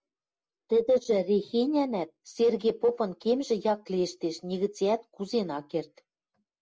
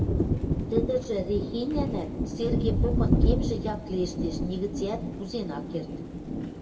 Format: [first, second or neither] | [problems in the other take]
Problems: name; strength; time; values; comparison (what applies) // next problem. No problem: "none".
first | background sound (Thunder); 4 dB above the speech // room echo; dies away in 0.8 s